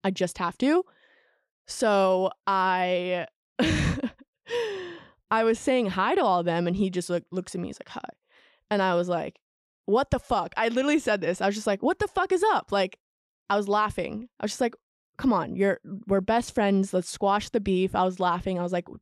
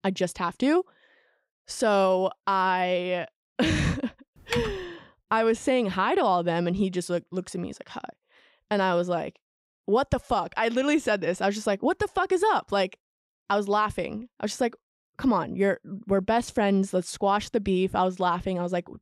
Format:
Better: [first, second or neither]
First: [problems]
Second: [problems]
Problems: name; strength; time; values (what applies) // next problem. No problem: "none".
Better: first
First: none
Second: keyboard typing; noticeable; at 4.5 s; peak 6 dB below the speech